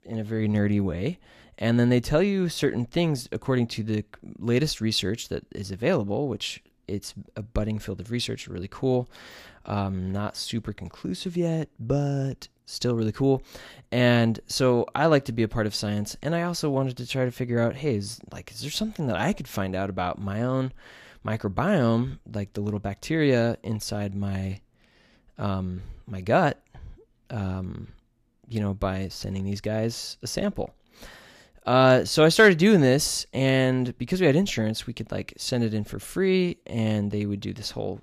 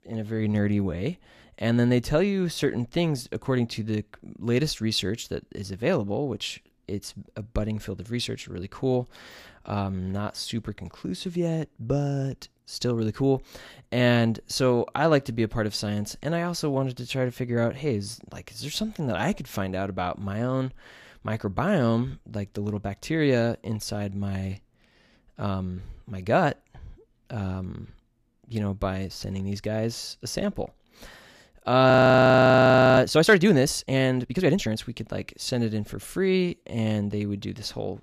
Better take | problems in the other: first | audio freezing; at 32 s for 1 s

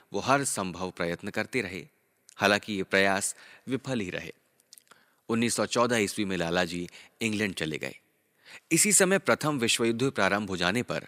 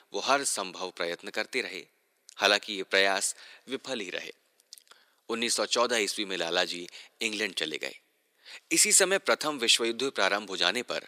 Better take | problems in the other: first | thin; somewhat; fading below 400 Hz

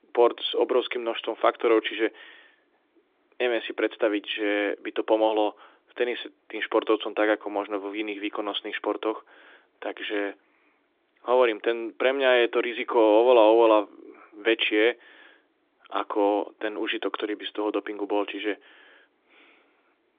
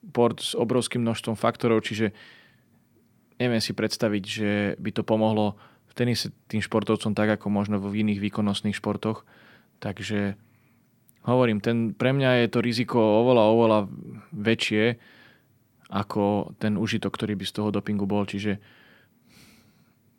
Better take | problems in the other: second | phone-call audio; nothing above 3.5 kHz

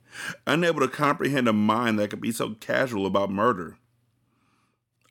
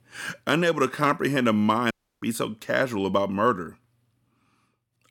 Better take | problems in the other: first | audio cutting out; at 2 s

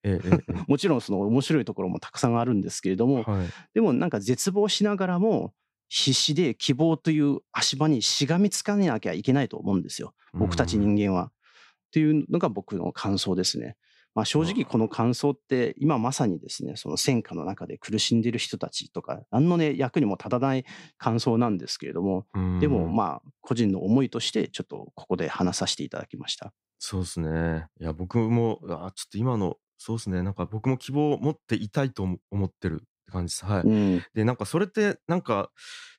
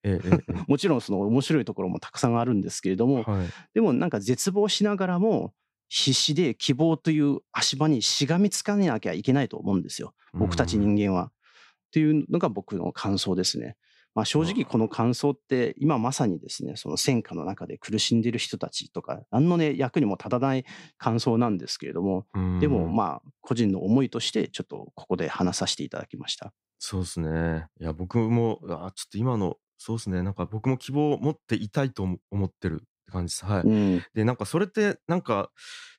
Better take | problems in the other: neither | none

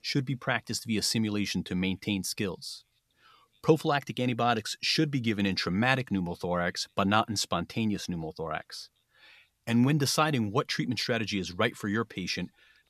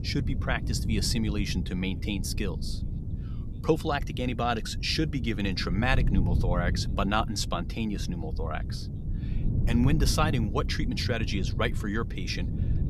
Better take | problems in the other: first | wind noise on the microphone; occasional gusts; 15 dB below the speech

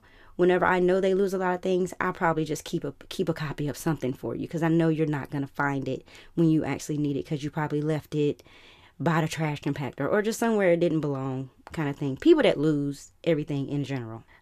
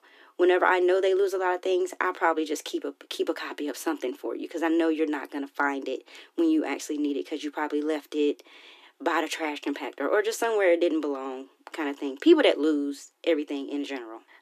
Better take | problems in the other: first | thin; very slightly; fading below 300 Hz

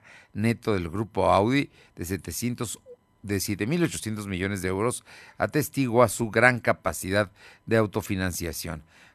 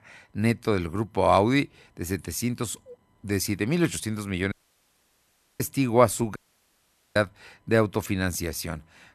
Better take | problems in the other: first | audio cutting out; at 4.5 s for 1 s and at 6.5 s for 1 s

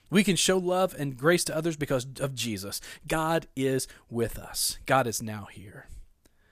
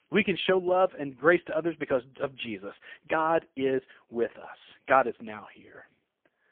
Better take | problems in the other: first | phone-call audio; poor line; nothing above 3.5 kHz

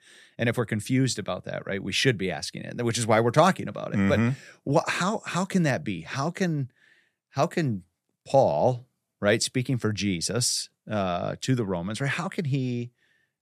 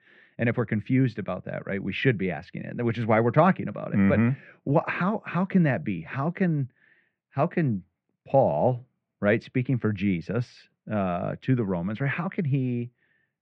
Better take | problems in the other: first | muffled; very; fading above 2.5 kHz

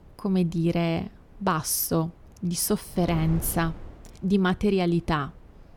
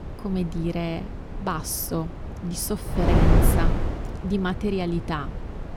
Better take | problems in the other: first | wind noise on the microphone; heavy; 3 dB below the speech; occasional gusts in the first

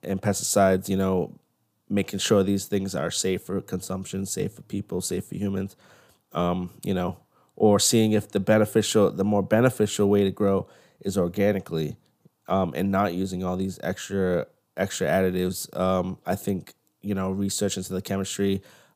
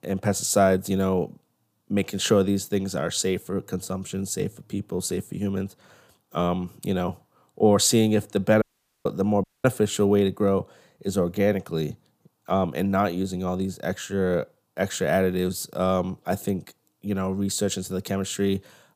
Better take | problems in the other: first | audio cutting out; at 8.5 s and at 9.5 s

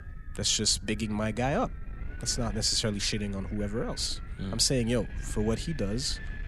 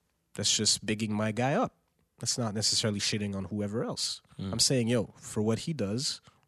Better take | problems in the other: second | wind noise on the microphone; occasional gusts; 20 dB below the speech

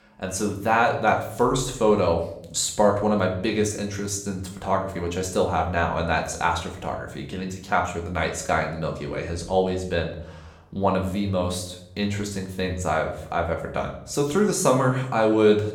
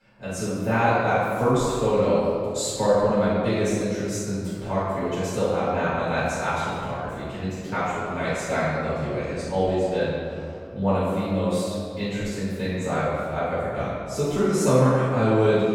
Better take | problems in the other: first | room echo; strong; dies away in 2.1 s; slight in the first // off-mic speech; far; somewhat distant in the first

